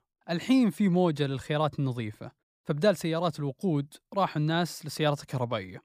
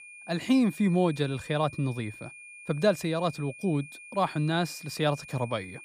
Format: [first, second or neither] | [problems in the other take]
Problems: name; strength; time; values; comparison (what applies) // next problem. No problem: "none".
first | high-pitched whine; noticeable; throughout; 2.5 kHz, 15 dB below the speech